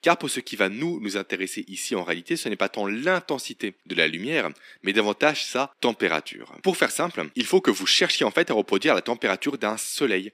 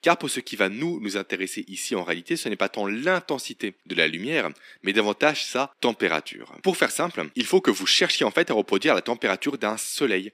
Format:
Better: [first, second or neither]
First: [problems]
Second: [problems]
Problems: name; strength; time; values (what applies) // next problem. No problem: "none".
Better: neither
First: thin; somewhat; fading below 250 Hz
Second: thin; somewhat; fading below 250 Hz